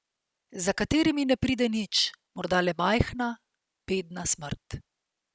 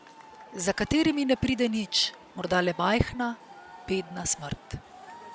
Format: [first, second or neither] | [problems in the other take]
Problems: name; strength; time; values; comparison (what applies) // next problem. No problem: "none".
first | background sound (Crowd / Cheering); 19 dB below the speech